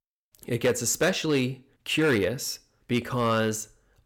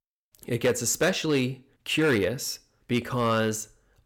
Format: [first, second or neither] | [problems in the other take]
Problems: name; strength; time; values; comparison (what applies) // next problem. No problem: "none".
neither | distortion; slight; 3% of the sound clipped; the same in both